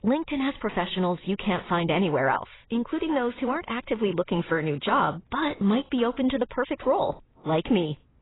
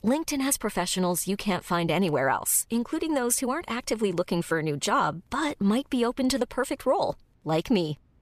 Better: second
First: garbled, watery; badly; nothing above 4 kHz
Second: none

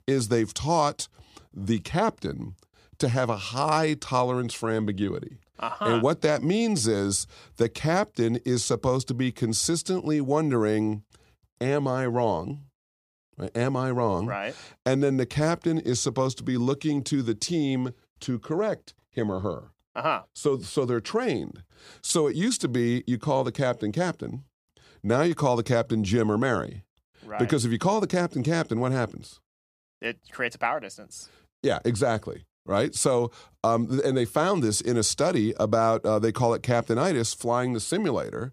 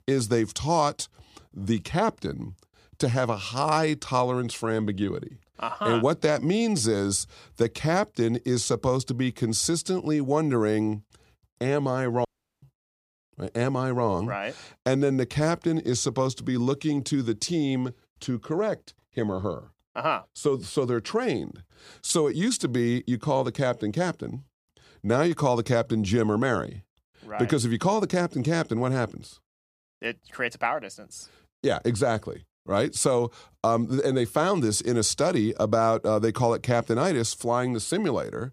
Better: first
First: none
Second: audio cutting out; at 12 s

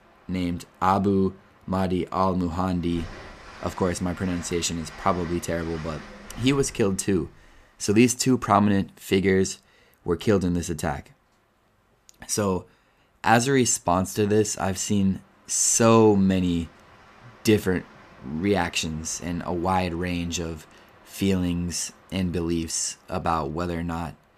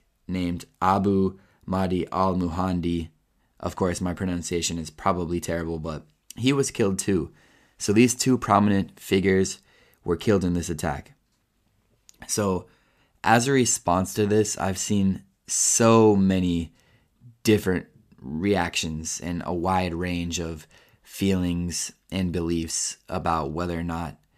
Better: second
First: train or aircraft noise; faint; throughout; 25 dB below the speech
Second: none

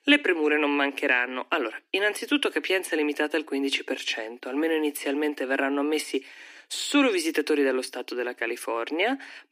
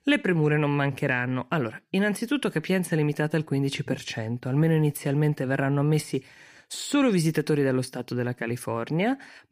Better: second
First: thin; very slightly; fading below 300 Hz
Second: none

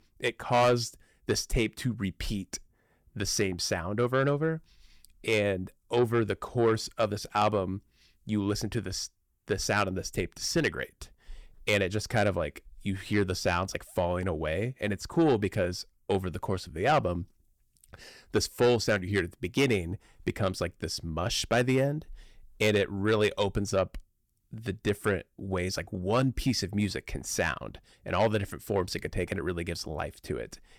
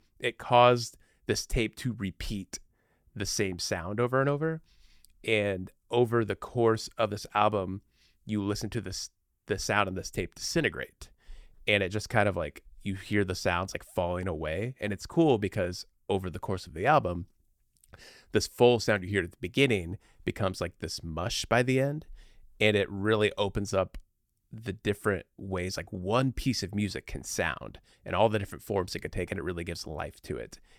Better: second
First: distortion; slight; 10 dB below the speech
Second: none

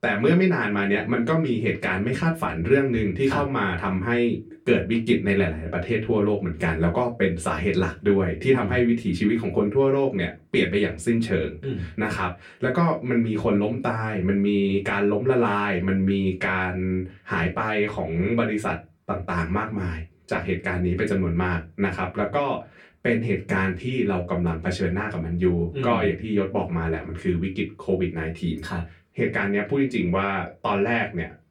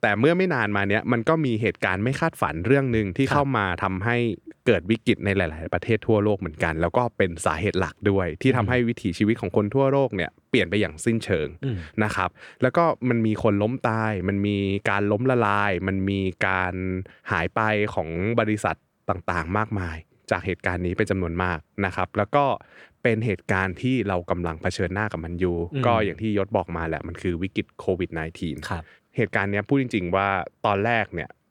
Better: second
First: off-mic speech; far // room echo; very slight; dies away in 0.2 s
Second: none

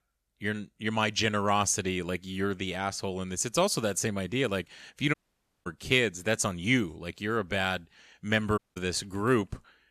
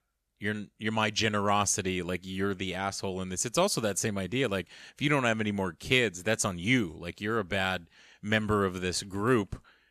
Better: second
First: audio cutting out; at 5 s for 0.5 s and at 8.5 s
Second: none

